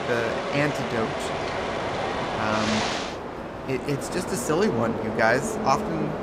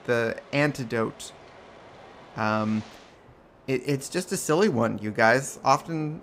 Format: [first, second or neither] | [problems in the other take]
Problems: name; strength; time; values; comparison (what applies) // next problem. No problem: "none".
second | train or aircraft noise; loud; throughout; 2 dB below the speech; faint in the second